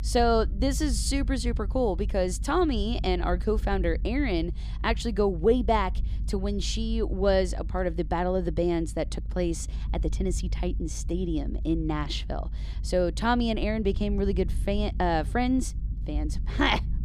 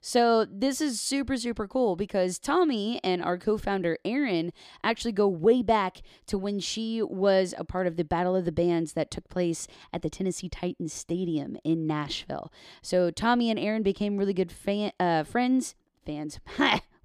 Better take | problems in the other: second | low rumble; faint; throughout; 25 dB below the speech

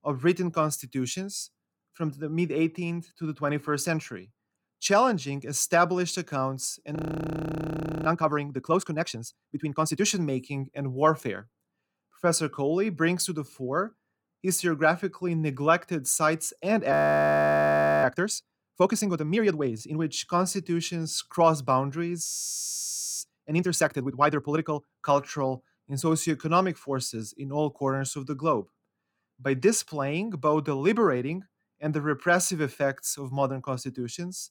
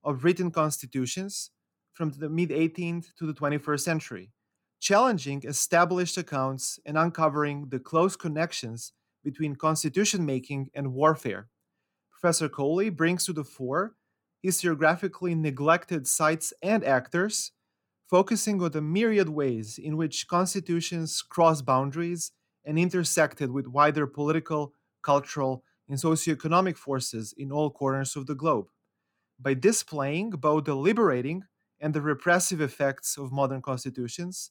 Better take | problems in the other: second | audio freezing; at 7 s for 1 s, at 17 s for 1 s and at 22 s for 1 s

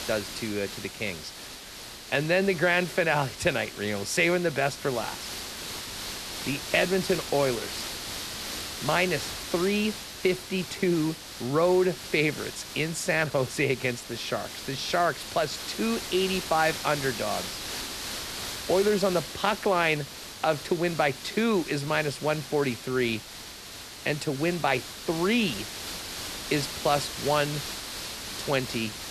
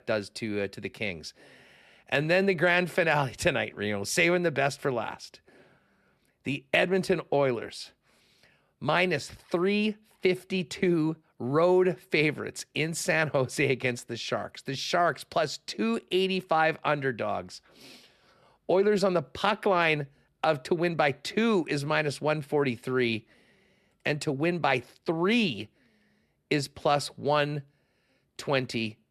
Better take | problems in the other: second | hiss; loud; throughout; 8 dB below the speech

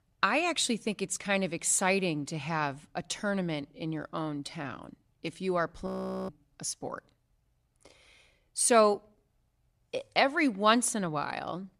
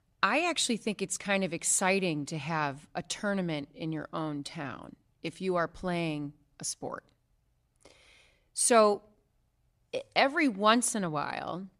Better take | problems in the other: second | audio freezing; at 6 s

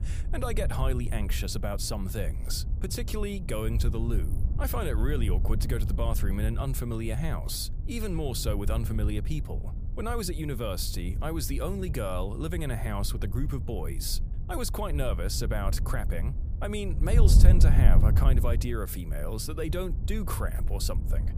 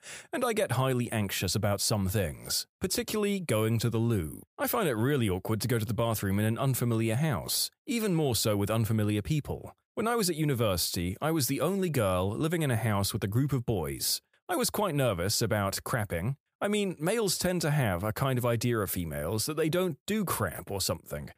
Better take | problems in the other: second | wind noise on the microphone; occasional gusts; 10 dB below the speech

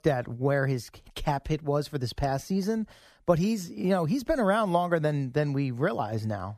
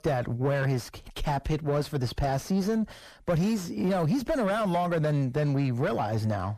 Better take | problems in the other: first | distortion; heavy; 7 dB below the speech

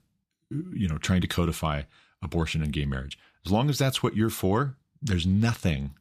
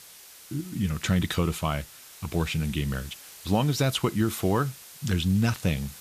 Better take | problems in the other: first | hiss; noticeable; throughout; 15 dB below the speech

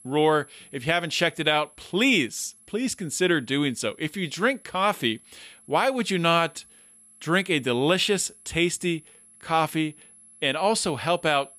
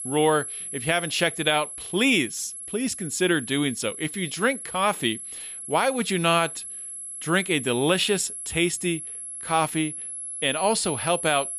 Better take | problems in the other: first | high-pitched whine; loud; throughout; 11 kHz, 8 dB below the speech; faint in the first

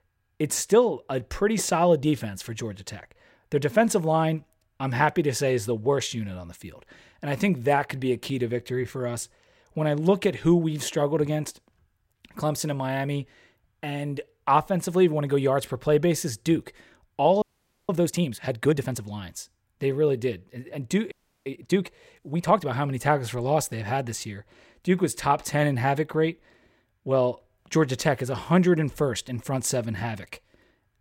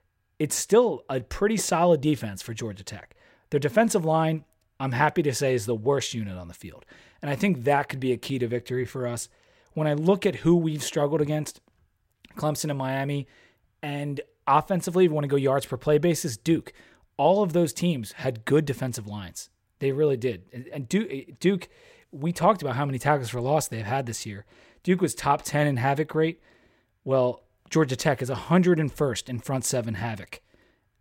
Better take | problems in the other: second | audio freezing; at 17 s and at 21 s

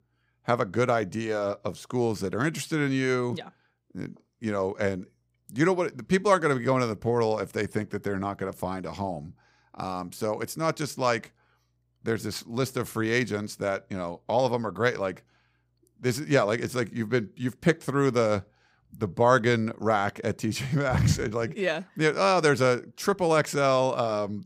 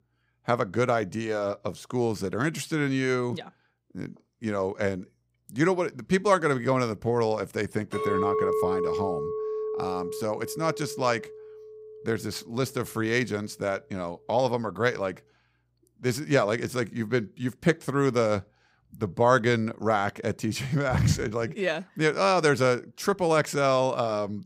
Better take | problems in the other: first | clattering dishes; loud; from 8 to 12 s; peak 1 dB above the speech

